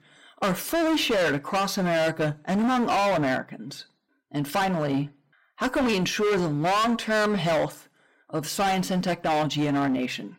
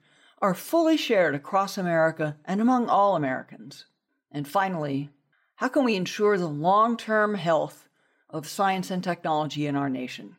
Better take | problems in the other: second | distortion; heavy; 22% of the sound clipped

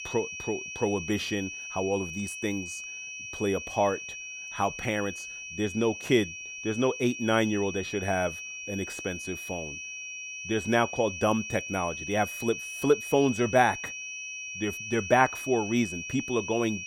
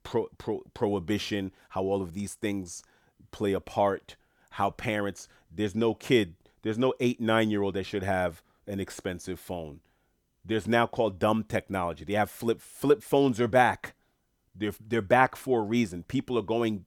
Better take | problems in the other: second | high-pitched whine; loud; throughout; 2.5 kHz, 7 dB below the speech

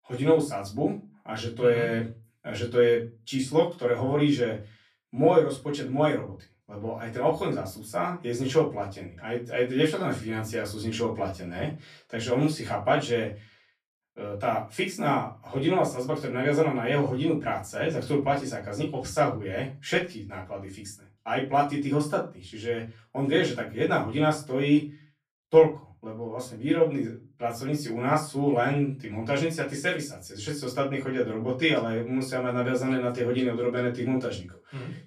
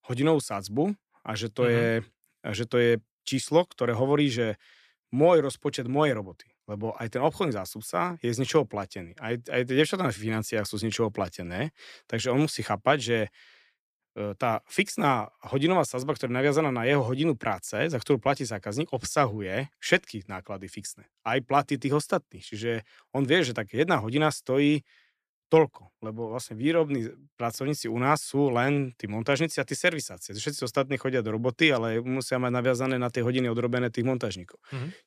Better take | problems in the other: second | room echo; slight; dies away in 0.3 s // off-mic speech; far

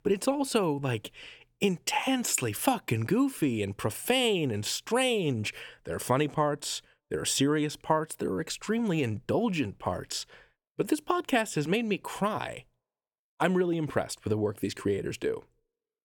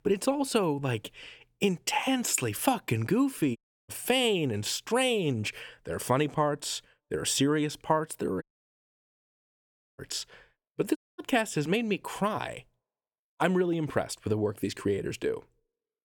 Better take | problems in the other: first | audio cutting out; at 3.5 s, at 8.5 s for 1.5 s and at 11 s

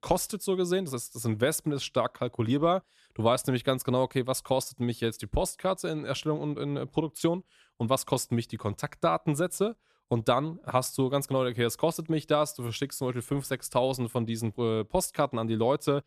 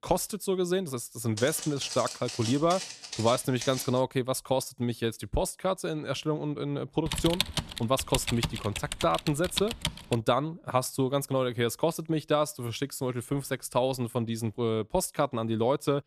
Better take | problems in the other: first | footsteps; noticeable; from 1.5 to 4 s; peak 6 dB below the speech // keyboard typing; loud; from 7 to 10 s; peak level with the speech

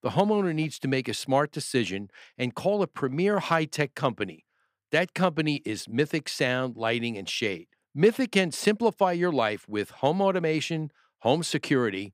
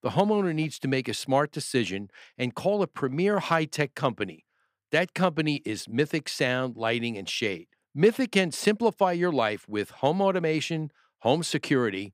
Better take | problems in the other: neither | none

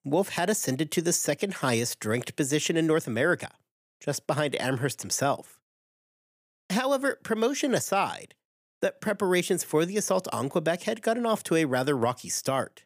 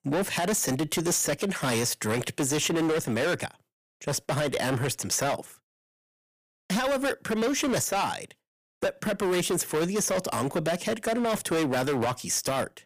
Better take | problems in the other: first | distortion; heavy; 18% of the sound clipped

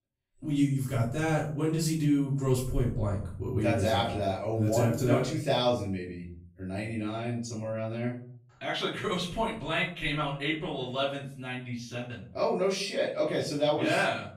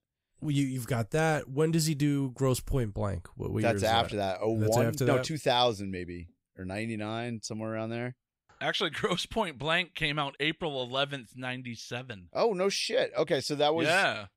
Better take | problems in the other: second | off-mic speech; far // room echo; noticeable; dies away in 0.5 s

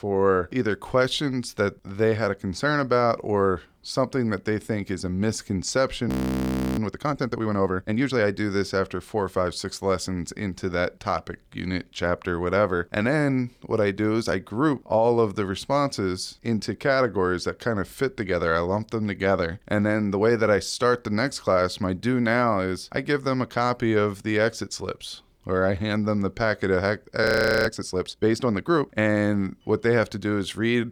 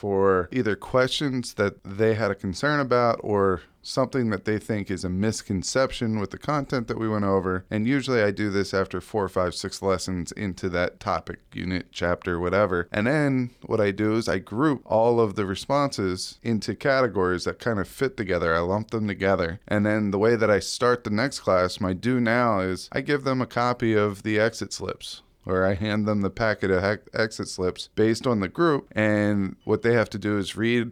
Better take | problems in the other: second | audio freezing; at 6 s for 0.5 s and at 27 s

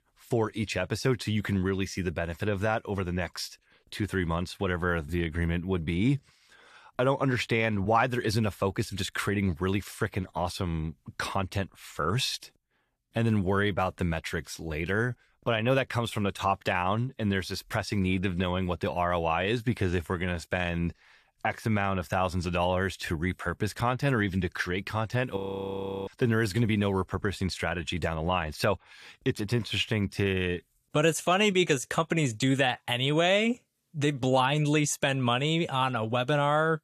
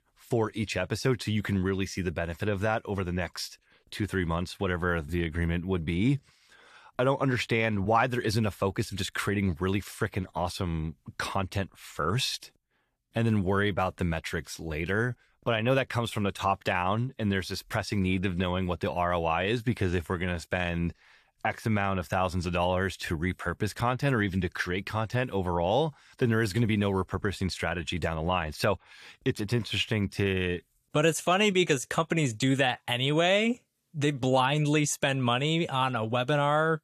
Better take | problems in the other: second | audio freezing; at 25 s for 0.5 s

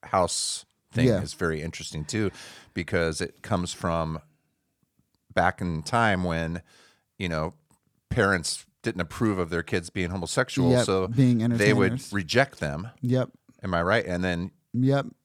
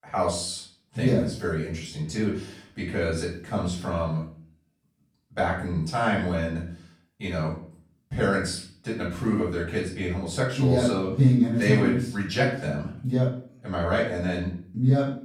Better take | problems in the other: first | room echo; noticeable; dies away in 0.4 s // off-mic speech; far

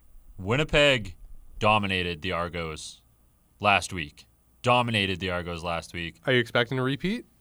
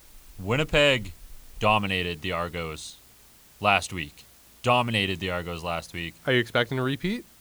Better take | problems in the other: first | hiss; faint; throughout; 25 dB below the speech

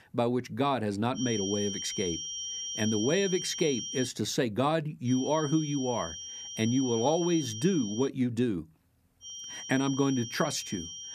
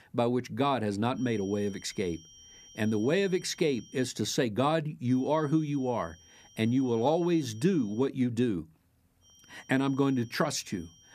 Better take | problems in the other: second | high-pitched whine; loud; from 1 to 4 s, from 5 to 8 s and from 9 s on; 3 kHz, 7 dB below the speech; faint in the second

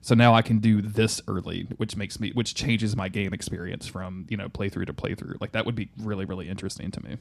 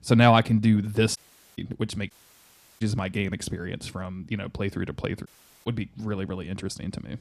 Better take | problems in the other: first | audio cutting out; at 1 s, at 2 s for 0.5 s and at 5.5 s

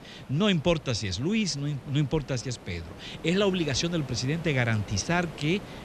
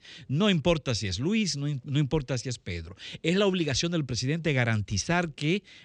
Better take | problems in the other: second | hiss; noticeable; throughout; 15 dB below the speech

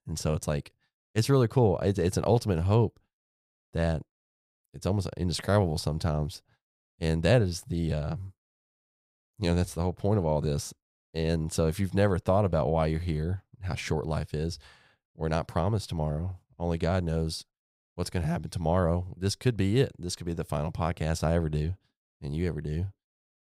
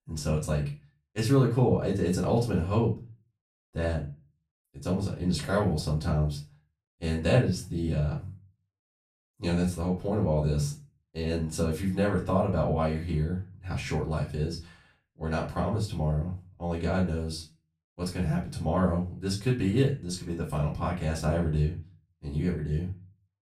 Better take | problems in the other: first | off-mic speech; far // room echo; slight; dies away in 0.3 s

